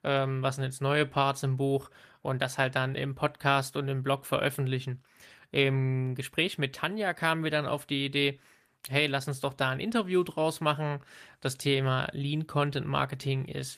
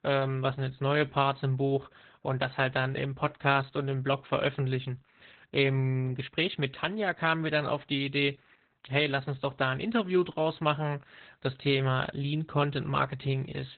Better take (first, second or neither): first